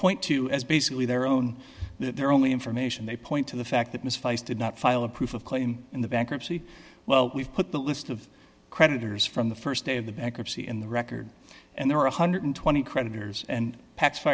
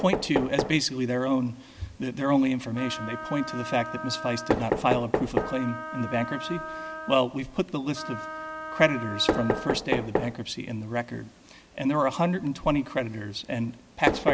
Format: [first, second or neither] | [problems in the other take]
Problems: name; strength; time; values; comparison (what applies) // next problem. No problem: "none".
first | background sound (Wind instrument, woodwind instrument + Knock); 5 dB below the speech